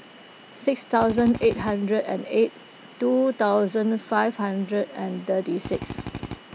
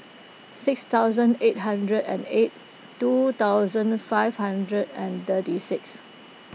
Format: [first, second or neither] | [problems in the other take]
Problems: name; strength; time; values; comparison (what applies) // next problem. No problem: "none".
second | background sound (Drill); 9 dB below the speech